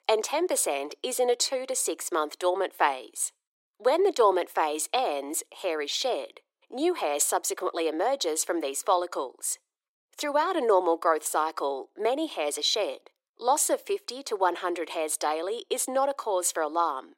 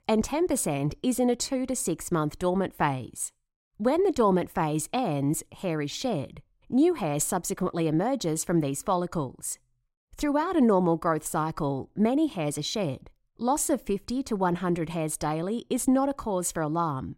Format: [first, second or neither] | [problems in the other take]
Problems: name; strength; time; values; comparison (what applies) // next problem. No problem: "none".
second | thin; very; fading below 400 Hz